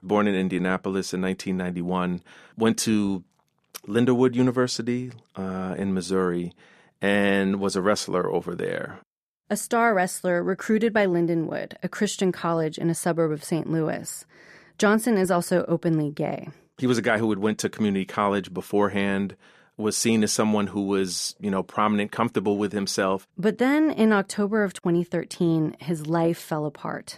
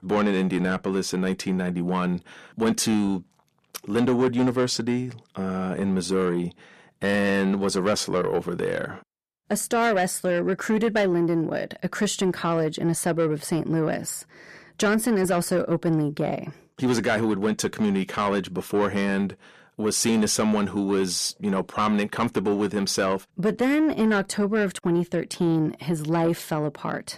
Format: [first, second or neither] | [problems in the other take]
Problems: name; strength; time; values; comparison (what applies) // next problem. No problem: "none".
first | distortion; slight; 10 dB below the speech